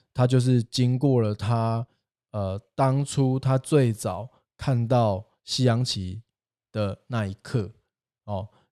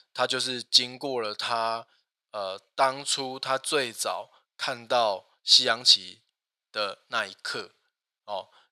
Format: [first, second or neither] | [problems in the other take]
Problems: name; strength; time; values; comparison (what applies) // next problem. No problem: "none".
first | thin; very; fading below 800 Hz